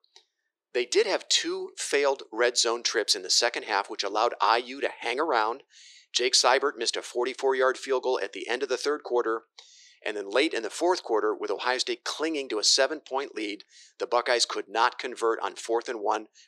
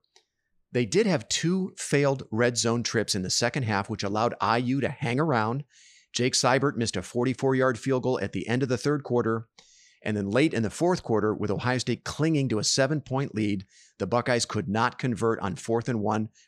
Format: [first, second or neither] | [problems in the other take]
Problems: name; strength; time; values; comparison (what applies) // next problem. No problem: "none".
second | thin; very; fading below 350 Hz